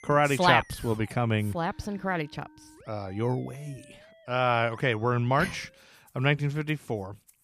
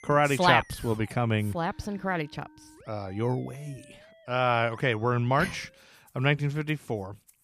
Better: neither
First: background music; faint; throughout; 25 dB below the speech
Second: background music; faint; throughout; 25 dB below the speech

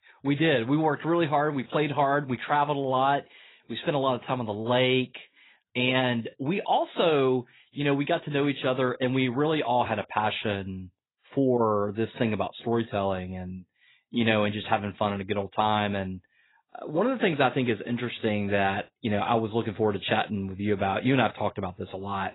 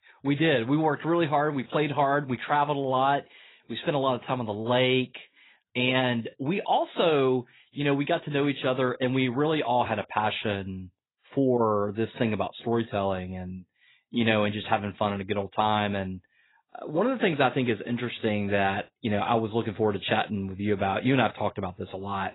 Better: neither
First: garbled, watery; badly; nothing above 4 kHz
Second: garbled, watery; badly; nothing above 4 kHz

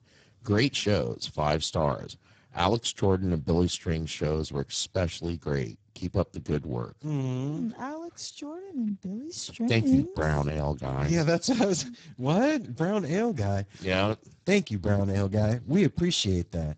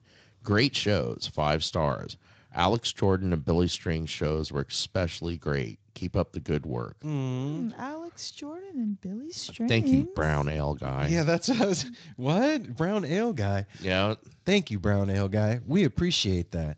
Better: second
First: garbled, watery; badly; nothing above 7.5 kHz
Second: garbled, watery; slightly; nothing above 7.5 kHz

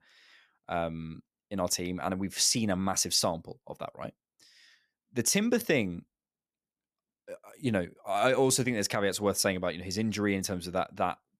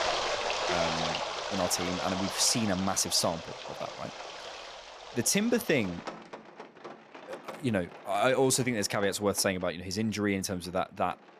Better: first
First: none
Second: rain or running water; loud; throughout; 7 dB below the speech

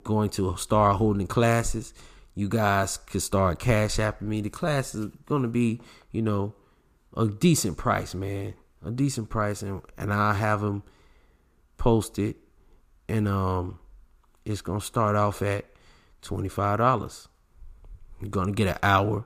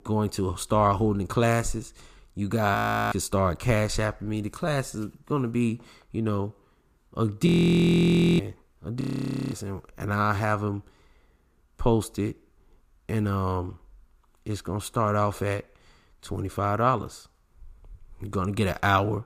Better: first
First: none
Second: audio freezing; at 3 s, at 7.5 s for 1 s and at 9 s for 0.5 s

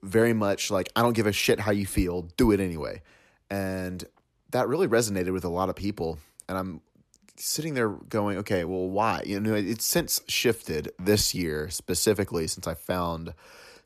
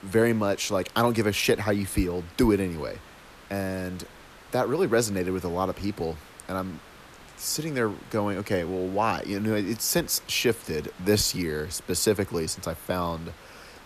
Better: first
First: none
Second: hiss; faint; throughout; 20 dB below the speech

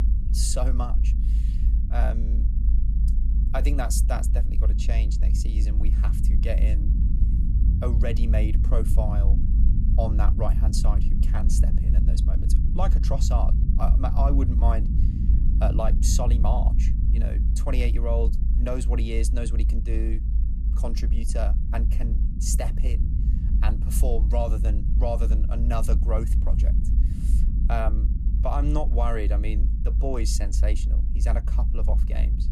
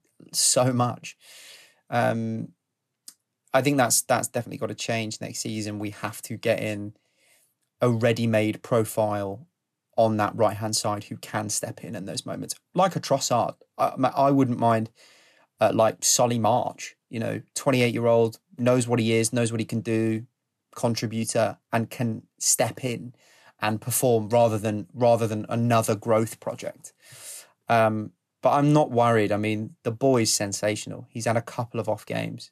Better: second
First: low rumble; loud; throughout; 8 dB below the speech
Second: none

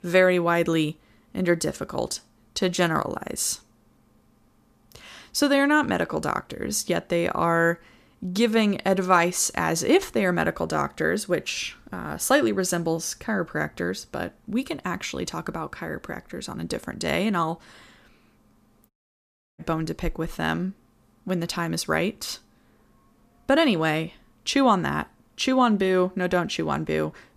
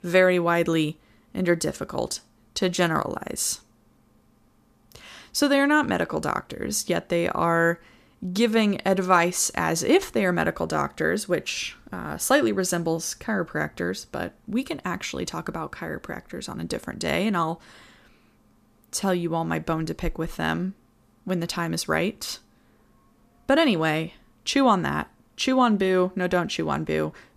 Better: second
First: audio cutting out; at 19 s for 0.5 s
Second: none

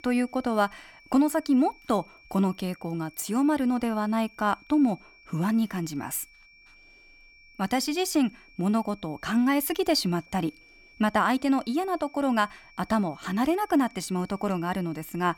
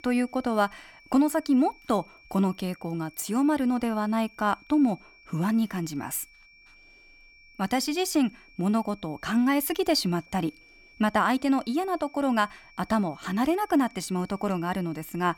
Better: neither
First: high-pitched whine; faint; throughout; 2.5 kHz, 25 dB below the speech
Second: high-pitched whine; faint; throughout; 2.5 kHz, 25 dB below the speech

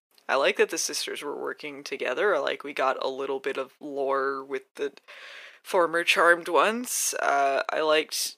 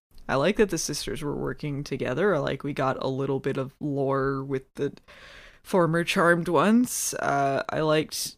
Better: second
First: thin; very; fading below 400 Hz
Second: none

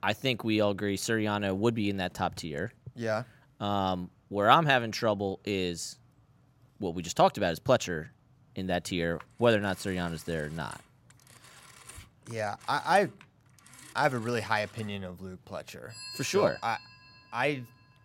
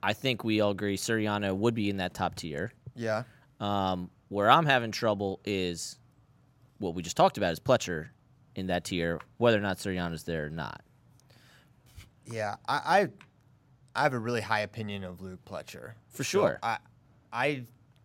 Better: second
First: alarms or sirens; noticeable; from 9.5 s on; 20 dB below the speech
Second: none

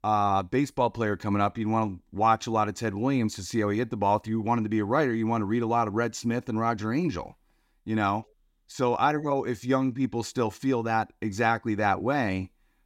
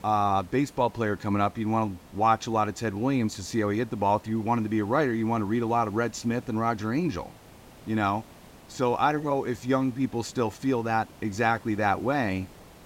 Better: first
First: none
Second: hiss; faint; throughout; 25 dB below the speech

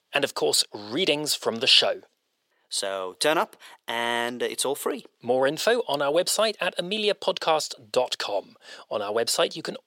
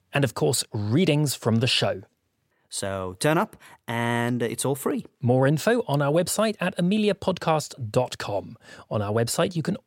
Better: second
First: thin; somewhat; fading below 450 Hz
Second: none

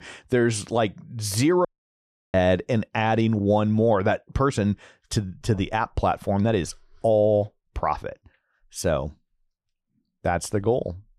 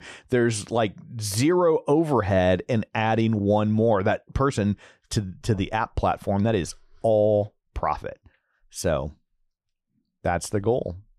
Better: second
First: audio cutting out; at 1.5 s for 0.5 s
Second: none

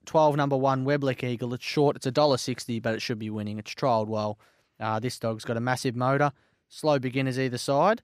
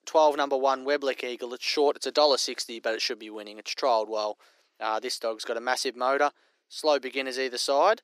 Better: first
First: none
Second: thin; somewhat; fading below 350 Hz

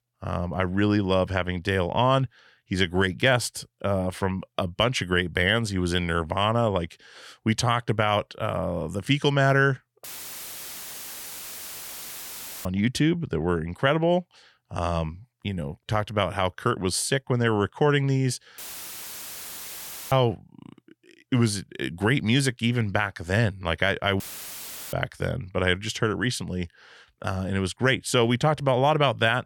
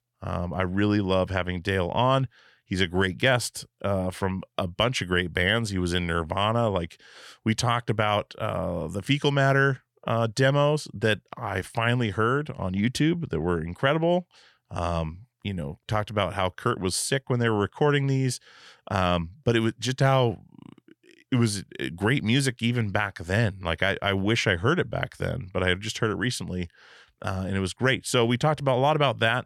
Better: second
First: audio cutting out; filled with static; at 10 s for 2.5 s, at 19 s for 1.5 s and at 24 s for 0.5 s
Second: none

